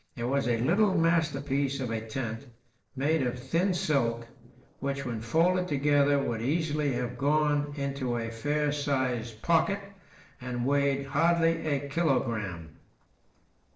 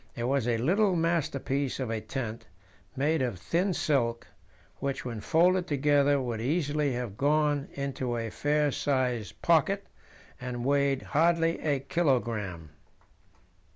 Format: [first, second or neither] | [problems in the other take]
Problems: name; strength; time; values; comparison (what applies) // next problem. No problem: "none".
second | noise reduction (neural separator model SepFormer DNS4)